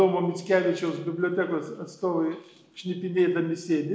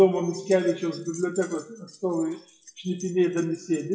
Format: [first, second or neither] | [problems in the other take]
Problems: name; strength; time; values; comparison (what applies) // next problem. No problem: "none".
first | noise reduction (classical method WPE with log-MMSE)